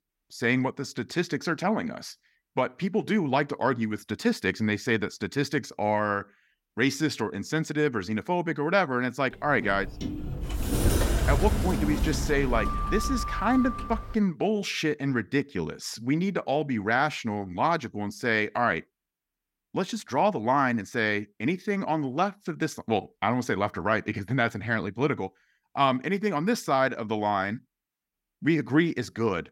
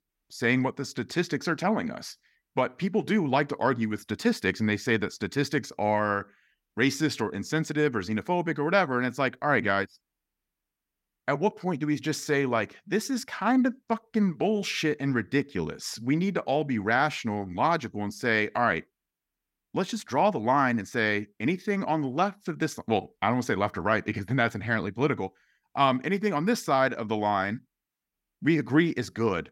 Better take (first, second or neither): second